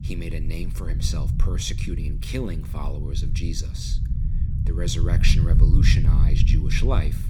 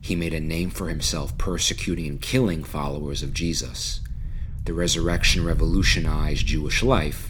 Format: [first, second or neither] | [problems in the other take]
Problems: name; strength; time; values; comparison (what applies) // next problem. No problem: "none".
second | low rumble; loud; throughout; 6 dB below the speech; faint in the second